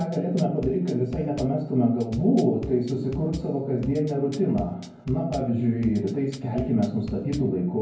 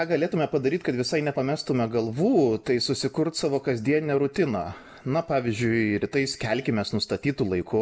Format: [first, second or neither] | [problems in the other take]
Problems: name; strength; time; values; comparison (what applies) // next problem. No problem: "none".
second | background sound (Bass drum / Drum kit); 16 dB below the speech // room echo; dies away in 0.9 s